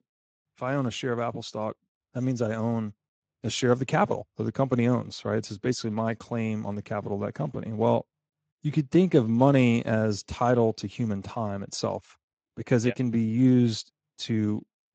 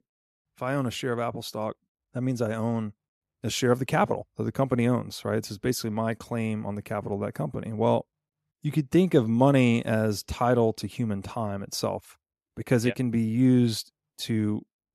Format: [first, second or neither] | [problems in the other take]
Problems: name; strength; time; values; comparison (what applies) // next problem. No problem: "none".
second | garbled, watery; slightly; nothing above 7.5 kHz